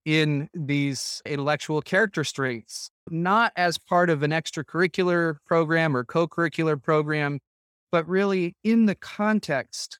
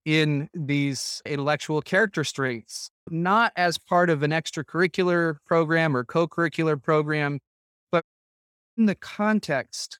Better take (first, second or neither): first